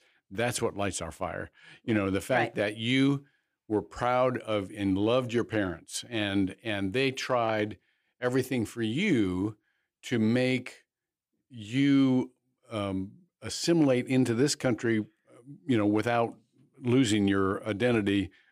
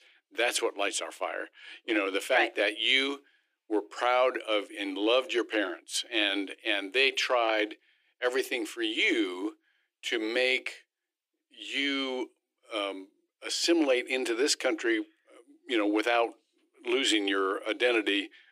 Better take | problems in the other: first | thin; somewhat; fading below 300 Hz

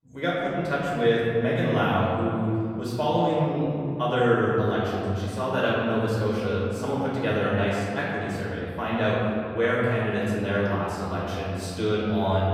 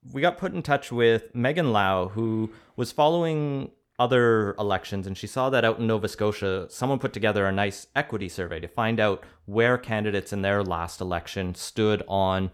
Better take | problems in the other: second | off-mic speech; far // room echo; strong; dies away in 2.5 s

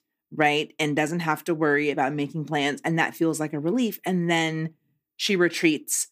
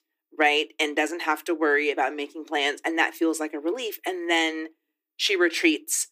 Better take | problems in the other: first | thin; somewhat; fading below 300 Hz

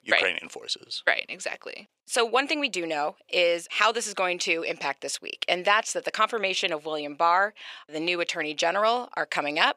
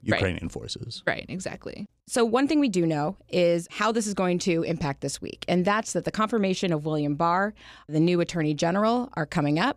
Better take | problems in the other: second | thin; very; fading below 600 Hz

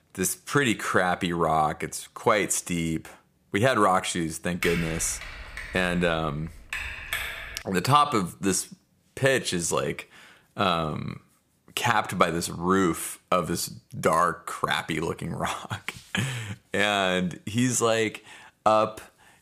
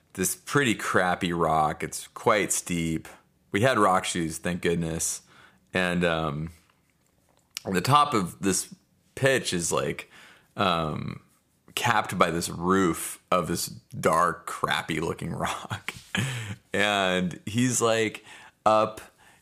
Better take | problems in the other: second | keyboard typing; noticeable; from 4.5 to 7.5 s; peak 5 dB below the speech

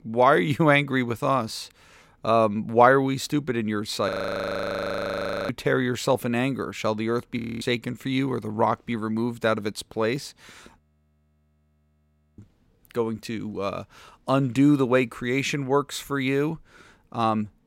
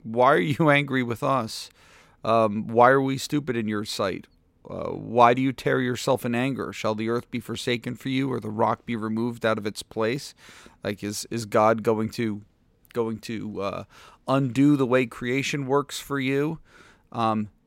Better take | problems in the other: second | audio freezing; at 4 s for 1.5 s, at 7.5 s and at 11 s for 1.5 s

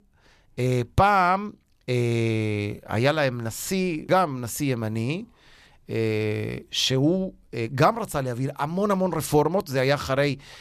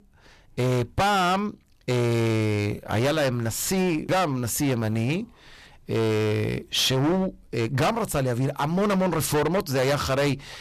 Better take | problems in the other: first | distortion; heavy; 19% of the sound clipped

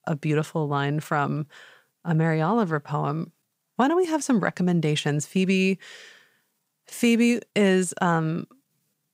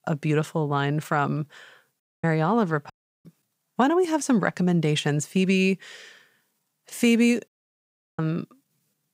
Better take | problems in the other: first | audio cutting out; at 2 s, at 3 s and at 7.5 s for 0.5 s

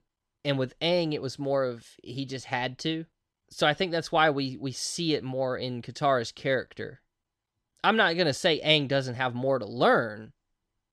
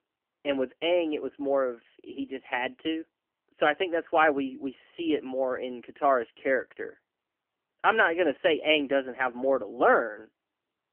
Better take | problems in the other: first | phone-call audio; poor line; nothing above 3 kHz

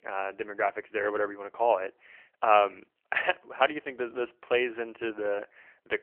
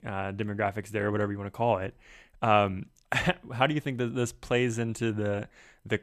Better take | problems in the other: second | phone-call audio; nothing above 3 kHz

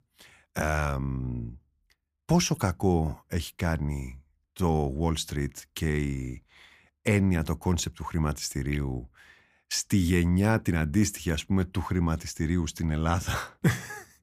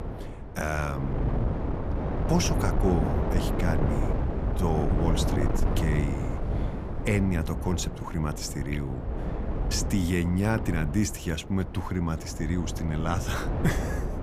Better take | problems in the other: first | wind noise on the microphone; heavy; 3 dB below the speech

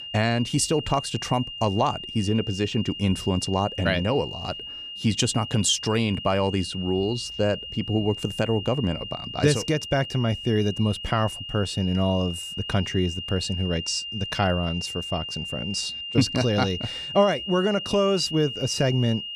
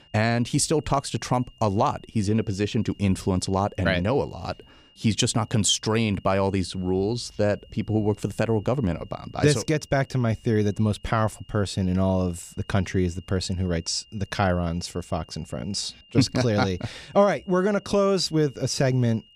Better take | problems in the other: second | high-pitched whine; loud; throughout; 3 kHz, 8 dB below the speech; faint in the second

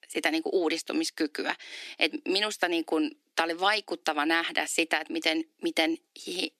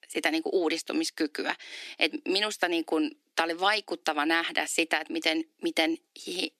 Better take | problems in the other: neither | thin; somewhat; fading below 300 Hz; the same in both

